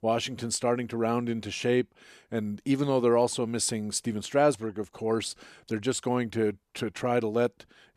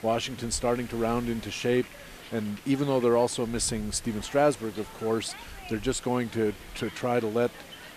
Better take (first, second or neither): first